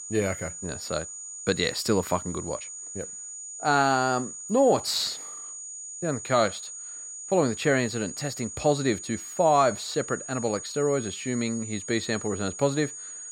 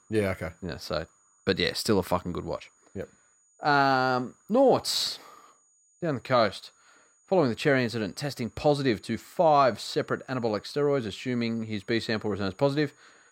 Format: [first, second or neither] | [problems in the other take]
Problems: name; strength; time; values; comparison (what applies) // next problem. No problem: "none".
second | high-pitched whine; loud; throughout; 7 kHz, 10 dB below the speech; faint in the second